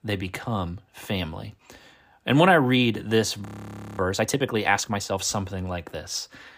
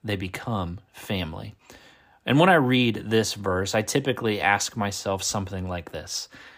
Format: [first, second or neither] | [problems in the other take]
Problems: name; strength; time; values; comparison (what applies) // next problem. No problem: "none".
second | audio freezing; at 3.5 s for 0.5 s